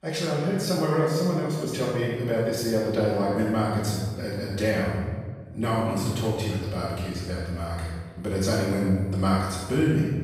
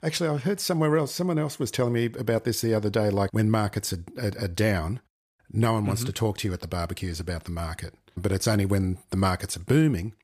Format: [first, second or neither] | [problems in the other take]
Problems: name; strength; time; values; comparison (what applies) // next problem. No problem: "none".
second | off-mic speech; far // room echo; strong; dies away in 1.3 s